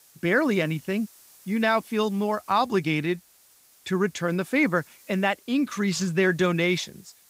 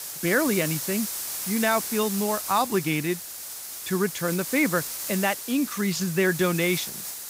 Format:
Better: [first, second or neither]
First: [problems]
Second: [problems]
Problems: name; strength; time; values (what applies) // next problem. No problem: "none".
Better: first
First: hiss; faint; throughout; 25 dB below the speech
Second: hiss; loud; throughout; 5 dB below the speech